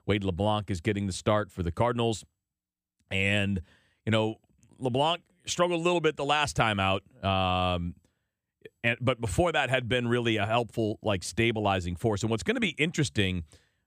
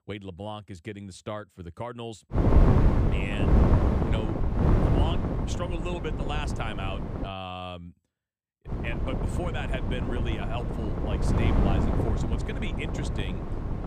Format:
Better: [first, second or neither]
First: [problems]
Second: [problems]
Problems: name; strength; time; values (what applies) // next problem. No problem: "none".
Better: first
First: none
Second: wind noise on the microphone; heavy; from 2.5 to 7.5 s and from 8.5 s on; 3 dB above the speech